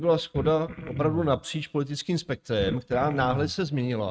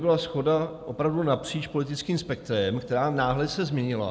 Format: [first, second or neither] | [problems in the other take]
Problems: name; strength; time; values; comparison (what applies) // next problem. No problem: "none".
second | noise reduction (neural mask model RNNoise)